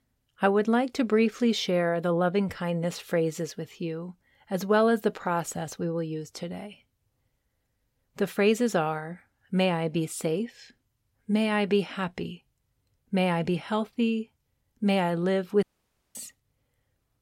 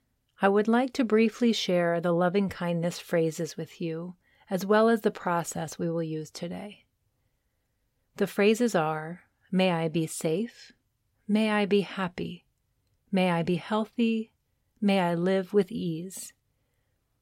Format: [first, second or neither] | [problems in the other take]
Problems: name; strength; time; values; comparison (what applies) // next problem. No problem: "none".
second | audio cutting out; at 16 s for 0.5 s